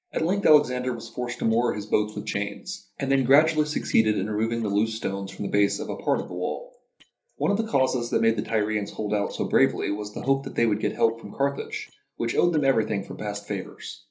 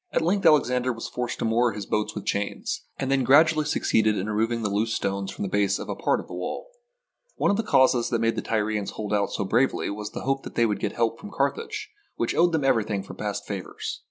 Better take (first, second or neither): second